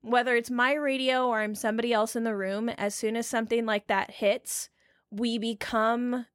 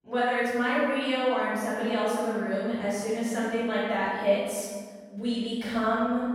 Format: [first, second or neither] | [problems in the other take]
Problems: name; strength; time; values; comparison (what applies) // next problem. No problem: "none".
first | off-mic speech; far // room echo; strong; dies away in 1.7 s